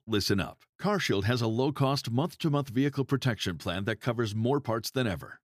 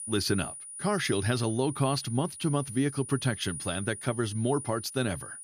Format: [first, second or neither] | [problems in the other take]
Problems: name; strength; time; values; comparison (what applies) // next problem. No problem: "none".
first | high-pitched whine; loud; throughout; 9.5 kHz, 9 dB below the speech